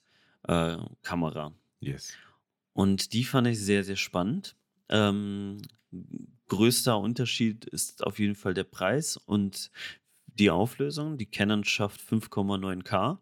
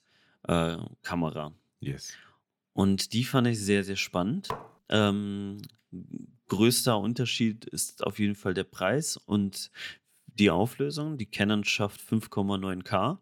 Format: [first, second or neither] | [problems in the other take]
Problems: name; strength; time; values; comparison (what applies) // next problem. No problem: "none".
first | clattering dishes; faint; at 4.5 s; peak 10 dB below the speech